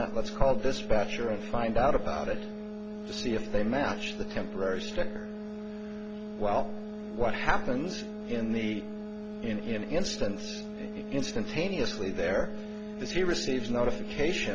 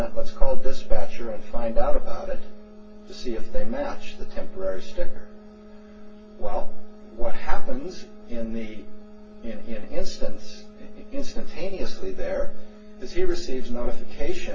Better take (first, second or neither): first